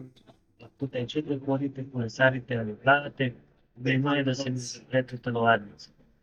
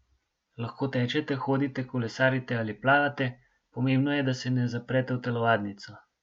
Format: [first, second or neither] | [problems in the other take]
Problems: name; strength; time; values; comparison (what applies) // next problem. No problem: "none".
second | noise reduction (neural mask model DeepFilterNet 3)